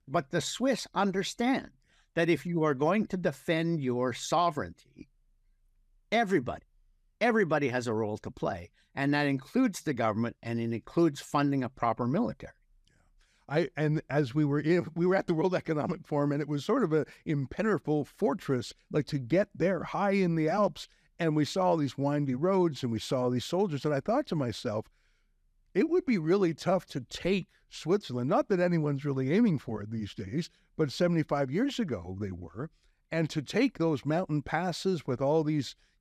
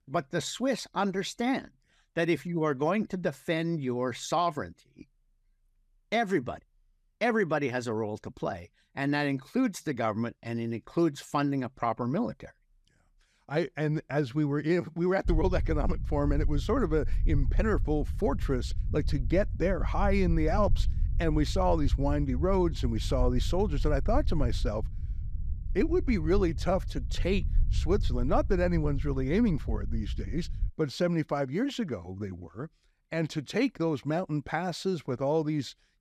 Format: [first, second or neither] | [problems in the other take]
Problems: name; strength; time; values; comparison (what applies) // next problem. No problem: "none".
first | low rumble; faint; from 15 to 31 s; 20 dB below the speech